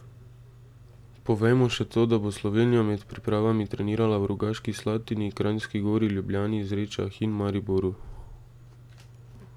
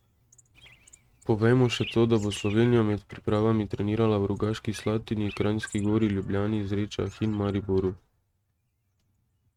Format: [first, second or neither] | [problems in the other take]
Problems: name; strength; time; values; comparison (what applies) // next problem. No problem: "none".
first | noise reduction (neural mask model RNNoise)